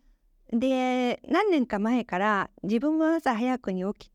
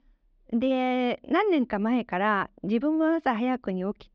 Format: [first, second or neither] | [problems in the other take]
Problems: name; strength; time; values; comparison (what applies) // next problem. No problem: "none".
first | muffled; slightly; fading above 4 kHz